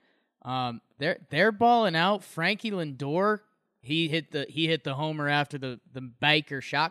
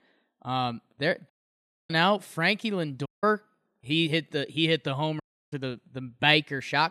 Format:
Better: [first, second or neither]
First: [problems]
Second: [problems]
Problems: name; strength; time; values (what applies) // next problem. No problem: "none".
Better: first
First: none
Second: audio cutting out; at 1.5 s for 0.5 s, at 3 s and at 5 s